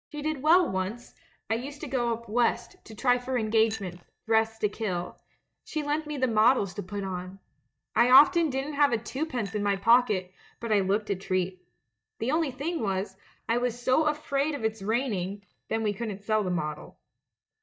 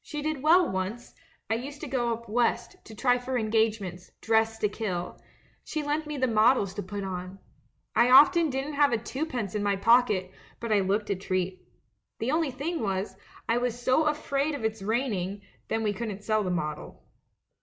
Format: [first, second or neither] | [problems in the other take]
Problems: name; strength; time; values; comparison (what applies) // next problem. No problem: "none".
second | noise reduction (neural mask model DeepFilterNet 3)